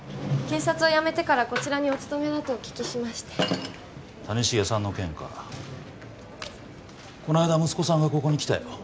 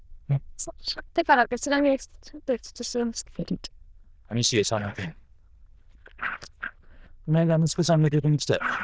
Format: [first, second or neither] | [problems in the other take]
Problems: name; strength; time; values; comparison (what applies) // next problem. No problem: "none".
first | noise reduction (neural diffusion model UNIVERSE++)